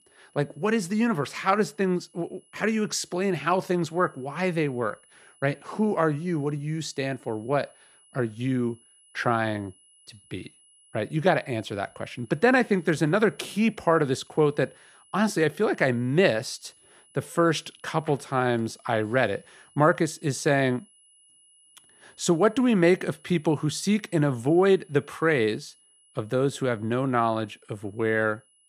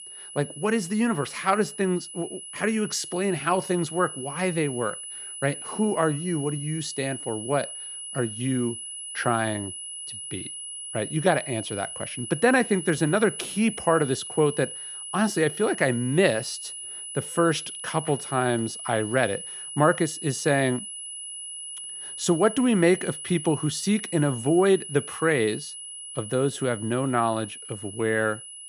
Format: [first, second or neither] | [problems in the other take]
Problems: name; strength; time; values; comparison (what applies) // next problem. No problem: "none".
first | high-pitched whine; loud; throughout; 10 kHz, 9 dB below the speech; faint in the first